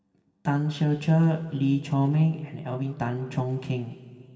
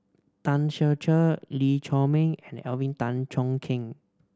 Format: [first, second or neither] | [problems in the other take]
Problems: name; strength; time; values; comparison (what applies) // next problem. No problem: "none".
second | room echo; dies away in 2.5 s